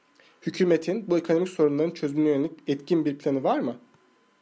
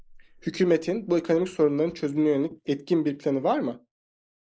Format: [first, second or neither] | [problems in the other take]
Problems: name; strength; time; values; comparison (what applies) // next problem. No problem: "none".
first | noise reduction (neural mask model Resemble Enhance denoiser)